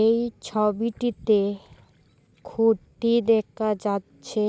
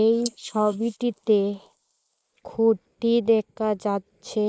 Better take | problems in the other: first | noise reduction (neural mask model Resemble Enhance denoiser)

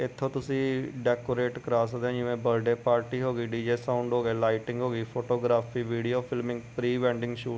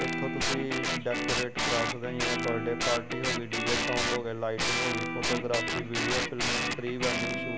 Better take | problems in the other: first | background sound (Guitar); 3 dB above the speech

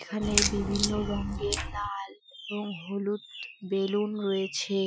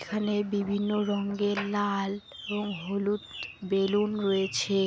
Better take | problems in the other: second | noise reduction (classical method Wiener filter)

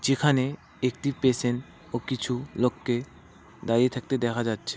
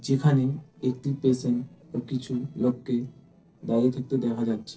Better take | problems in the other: first | noise reduction (neural separator model SepFormer DNS4)

